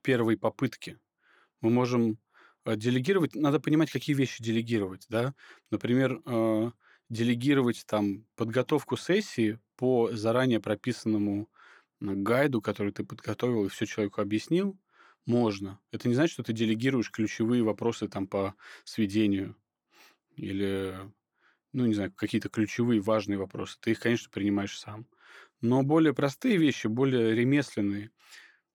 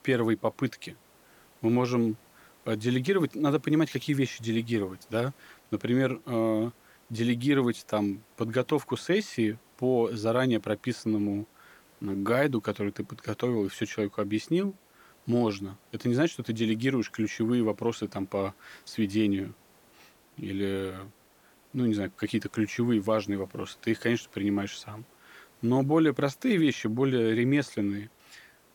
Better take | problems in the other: first | hiss; faint; throughout; 30 dB below the speech

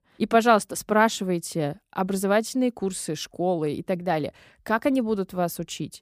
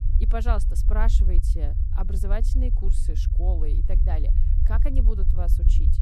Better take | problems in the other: first | low rumble; loud; throughout; 7 dB below the speech

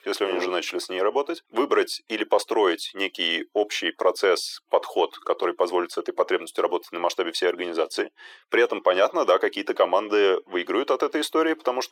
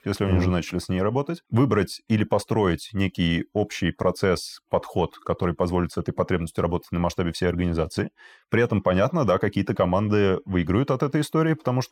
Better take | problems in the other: second | thin; very; fading below 350 Hz

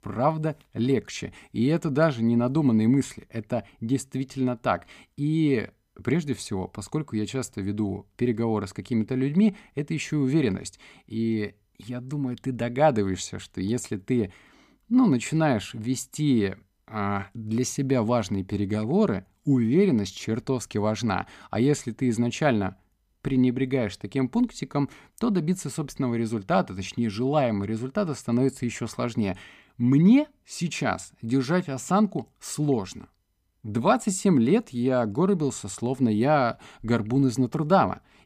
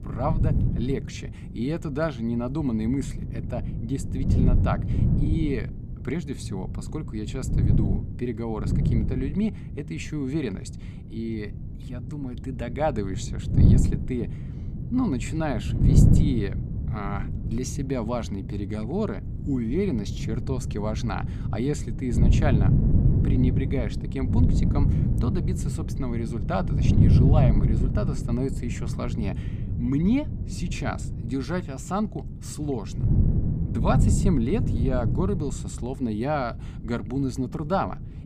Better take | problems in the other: first | wind noise on the microphone; heavy; 4 dB below the speech

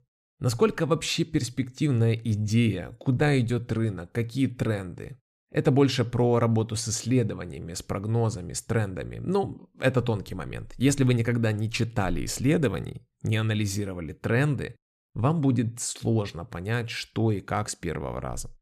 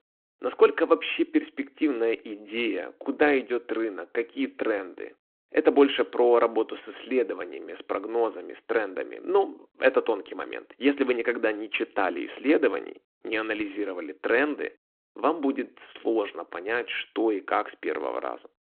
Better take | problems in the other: first | phone-call audio

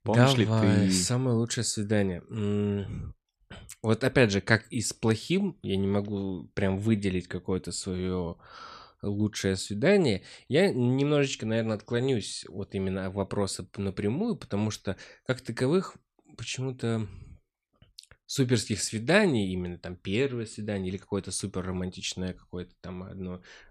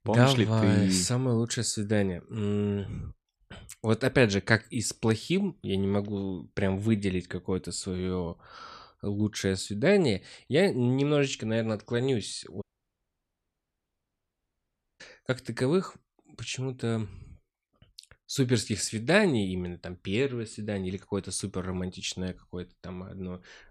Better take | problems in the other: first | audio cutting out; at 13 s for 2.5 s

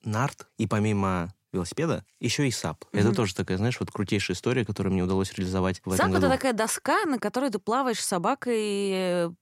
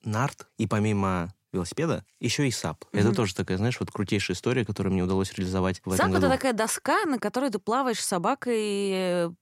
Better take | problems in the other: neither | none

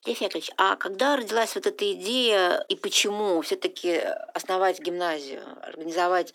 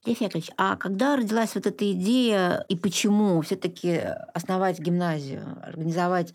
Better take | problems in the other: second | thin; somewhat; fading below 350 Hz

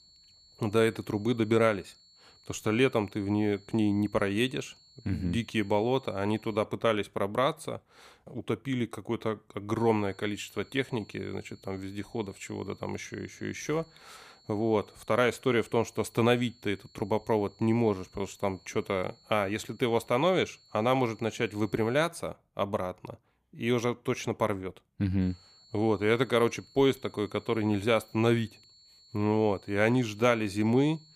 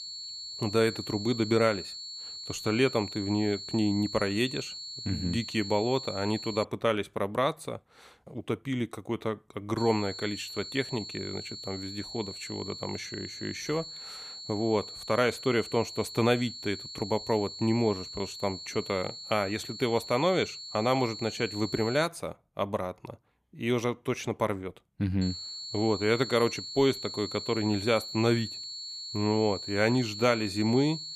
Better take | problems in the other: first | high-pitched whine; loud; until 6.5 s, from 10 to 22 s and from 25 s on; 4.5 kHz, 8 dB below the speech; faint in the first

